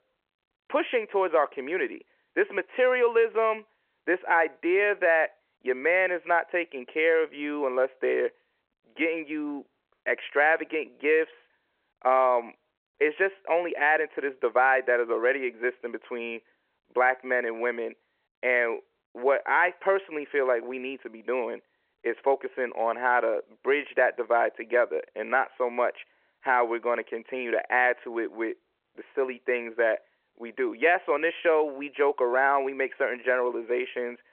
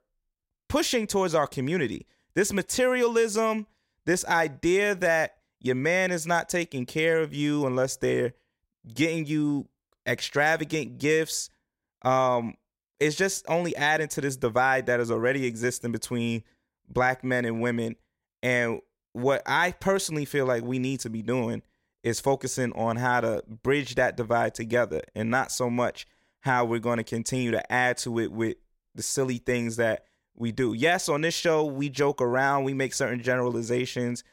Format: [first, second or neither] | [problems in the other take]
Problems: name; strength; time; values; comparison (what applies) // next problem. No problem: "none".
second | phone-call audio